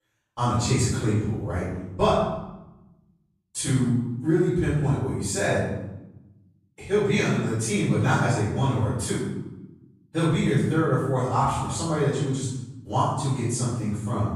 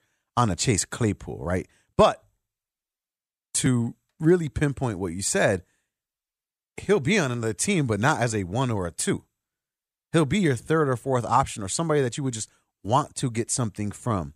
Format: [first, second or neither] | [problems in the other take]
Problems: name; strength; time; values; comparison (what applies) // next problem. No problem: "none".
second | room echo; strong; dies away in 0.9 s // off-mic speech; far